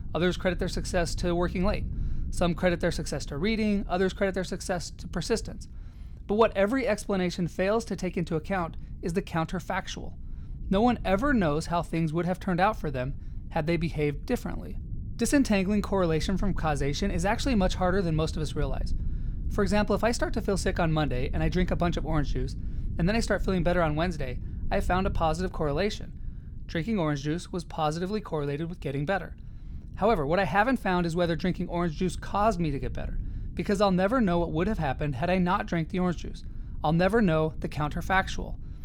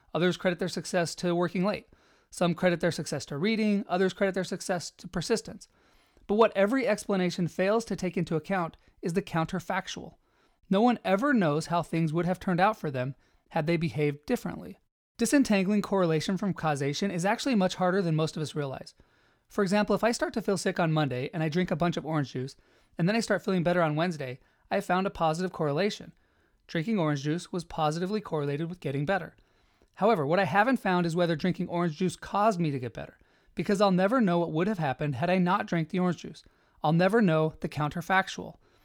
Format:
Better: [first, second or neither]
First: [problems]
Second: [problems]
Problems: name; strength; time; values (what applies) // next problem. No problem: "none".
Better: second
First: low rumble; faint; throughout; 25 dB below the speech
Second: none